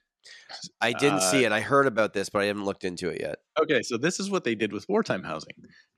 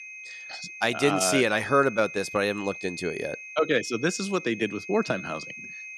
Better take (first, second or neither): first